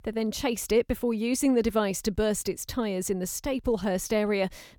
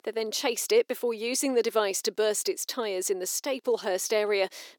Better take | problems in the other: first | thin; somewhat; fading below 350 Hz

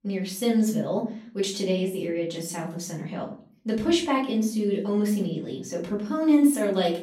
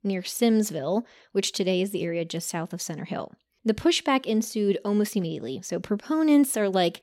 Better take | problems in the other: second | off-mic speech; far // room echo; slight; dies away in 0.4 s

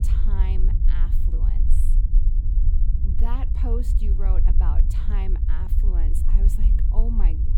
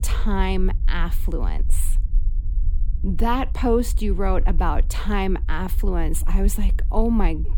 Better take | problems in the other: second | low rumble; loud; throughout; 3 dB below the speech; faint in the second

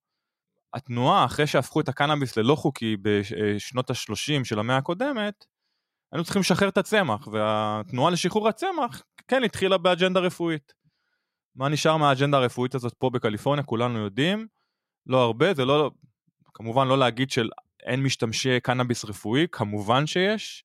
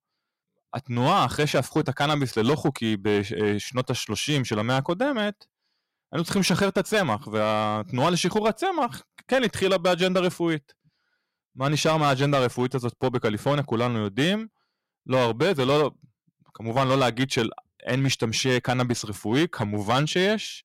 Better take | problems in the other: first | distortion; slight; 6% of the sound clipped

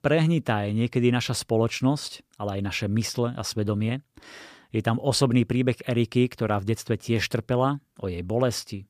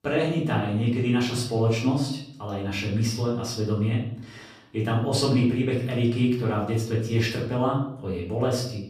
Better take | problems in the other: first | off-mic speech; far // room echo; noticeable; dies away in 0.6 s

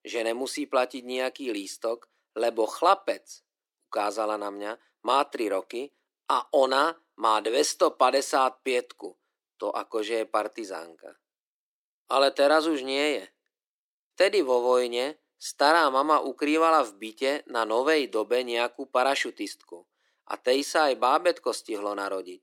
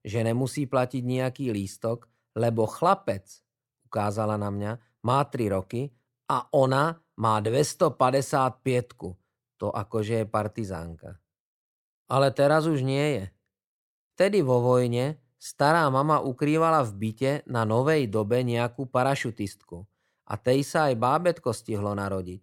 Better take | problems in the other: second | thin; somewhat; fading below 300 Hz

